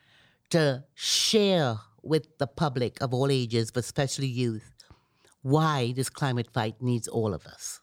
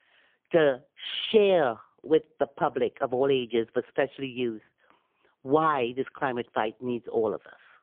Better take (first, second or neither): first